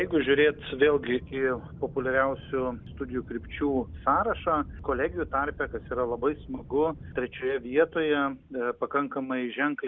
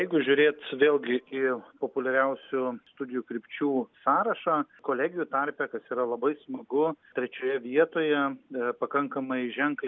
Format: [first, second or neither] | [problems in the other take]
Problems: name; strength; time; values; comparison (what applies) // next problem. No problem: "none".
second | background sound (Aircraft); 16 dB below the speech